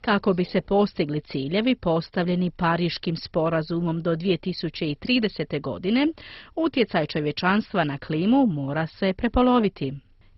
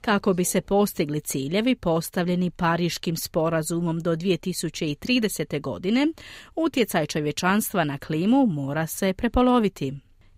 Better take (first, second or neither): second